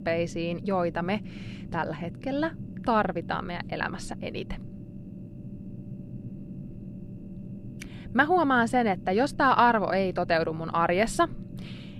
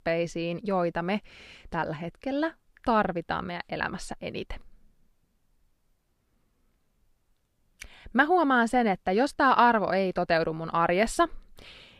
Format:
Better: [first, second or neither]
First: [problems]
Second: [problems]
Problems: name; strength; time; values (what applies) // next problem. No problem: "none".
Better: second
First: low rumble; faint; throughout; 25 dB below the speech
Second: none